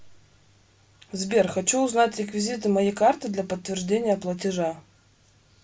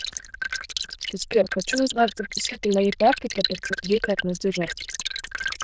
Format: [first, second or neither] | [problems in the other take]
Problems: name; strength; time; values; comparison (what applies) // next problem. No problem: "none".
first | noise reduction (neural diffusion model UNIVERSE++)